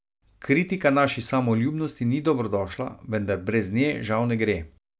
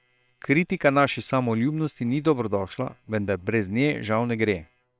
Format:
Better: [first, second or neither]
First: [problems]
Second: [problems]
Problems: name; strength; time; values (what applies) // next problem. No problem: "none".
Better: first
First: none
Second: noise reduction (neural separator model SepFormer WHAM!)